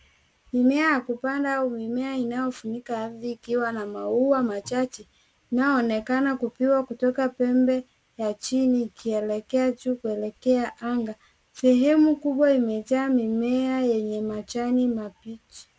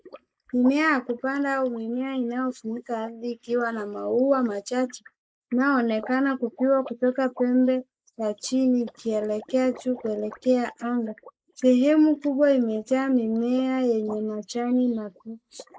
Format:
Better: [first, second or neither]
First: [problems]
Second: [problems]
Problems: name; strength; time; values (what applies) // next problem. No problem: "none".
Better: first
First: none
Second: noise reduction (neural mask model Resemble Enhance denoiser)